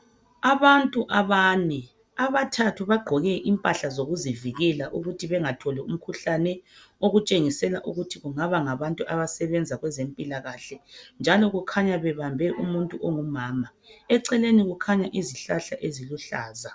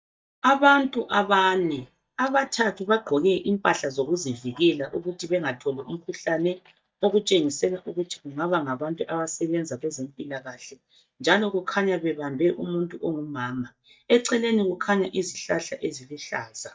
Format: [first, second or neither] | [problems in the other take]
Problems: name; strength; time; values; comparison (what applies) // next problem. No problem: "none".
first | noise reduction (neural mask model DeepFilterNet 3)